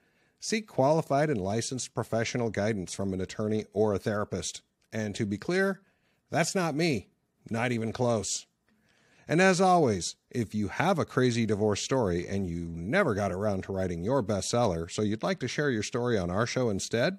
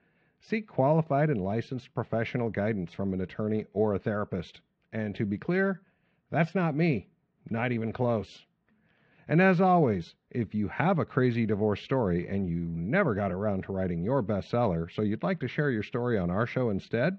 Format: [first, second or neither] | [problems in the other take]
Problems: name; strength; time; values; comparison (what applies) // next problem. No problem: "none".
first | muffled; very; fading above 3 kHz